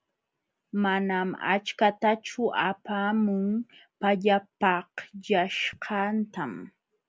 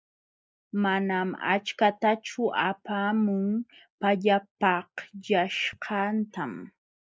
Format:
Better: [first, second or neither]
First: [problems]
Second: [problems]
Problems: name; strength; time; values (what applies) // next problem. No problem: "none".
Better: first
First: none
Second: noise reduction (neural mask model Resemble Enhance denoiser)